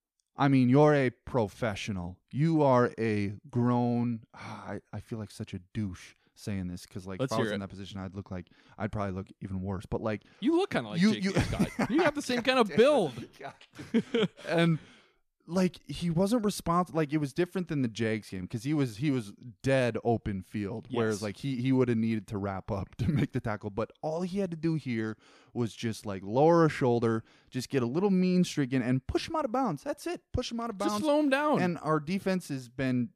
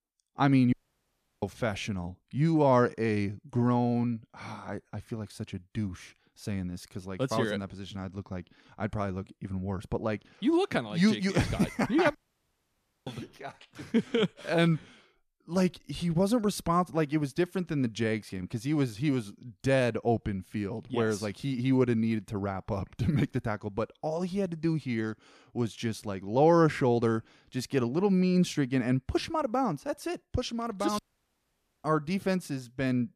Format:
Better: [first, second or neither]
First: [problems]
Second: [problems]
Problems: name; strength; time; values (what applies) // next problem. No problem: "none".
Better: first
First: none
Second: audio cutting out; at 0.5 s for 0.5 s, at 12 s for 1 s and at 31 s for 1 s